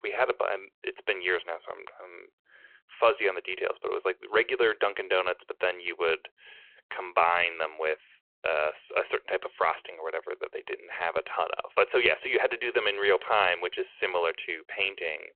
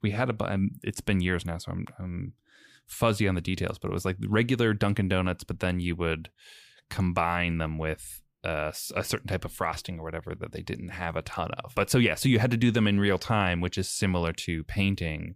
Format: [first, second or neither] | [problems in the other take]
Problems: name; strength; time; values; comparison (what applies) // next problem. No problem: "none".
second | phone-call audio